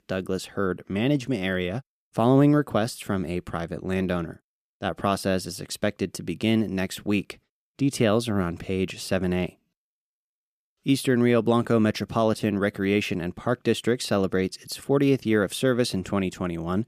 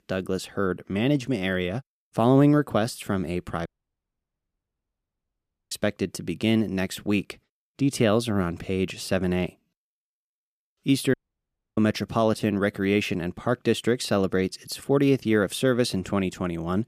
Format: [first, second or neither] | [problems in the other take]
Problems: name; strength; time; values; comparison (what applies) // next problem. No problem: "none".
first | audio cutting out; at 3.5 s for 2 s and at 11 s for 0.5 s